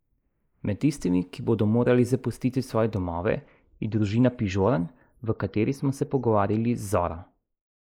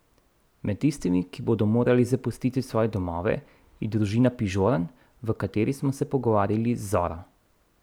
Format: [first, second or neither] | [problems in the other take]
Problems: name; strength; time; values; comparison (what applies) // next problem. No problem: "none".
second | noise reduction (neural mask model Resemble Enhance denoiser)